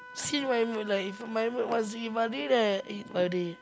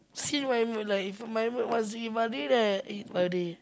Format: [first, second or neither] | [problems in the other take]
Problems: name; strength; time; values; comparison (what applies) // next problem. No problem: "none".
second | background sound (Wind instrument, woodwind instrument); 20 dB below the speech